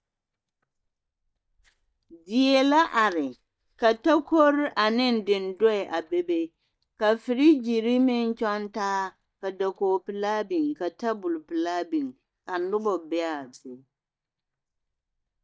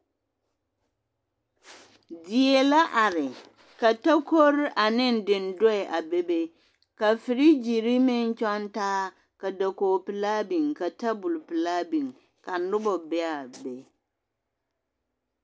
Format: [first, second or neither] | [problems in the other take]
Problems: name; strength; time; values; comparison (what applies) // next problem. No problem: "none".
second | noise reduction (neural mask model DeepFilterNet 3)